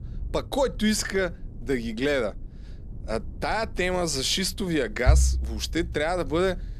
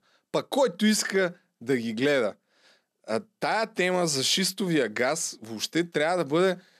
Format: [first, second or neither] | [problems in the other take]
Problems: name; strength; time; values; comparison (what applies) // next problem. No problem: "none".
second | low rumble; faint; throughout; 25 dB below the speech